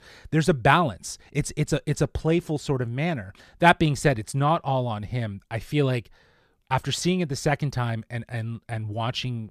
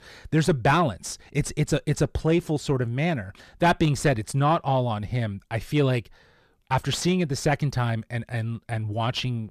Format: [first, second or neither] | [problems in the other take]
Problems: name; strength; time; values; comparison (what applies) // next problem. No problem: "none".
first | distortion; slight; 10 dB below the speech